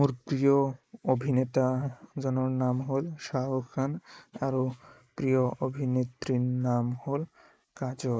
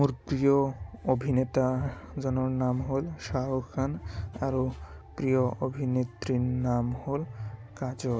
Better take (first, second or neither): second